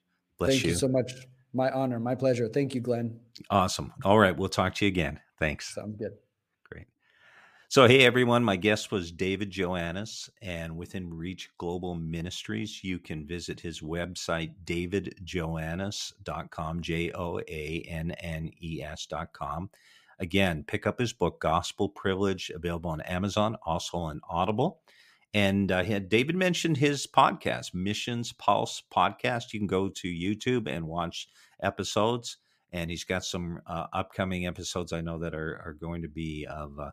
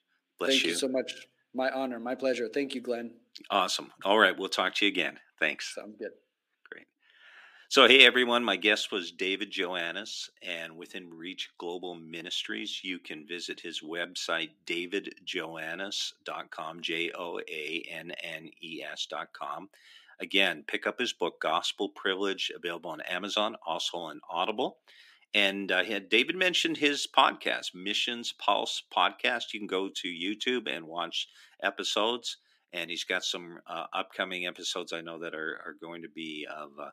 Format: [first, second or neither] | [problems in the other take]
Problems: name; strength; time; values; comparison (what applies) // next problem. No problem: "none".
first | thin; very slightly; fading below 250 Hz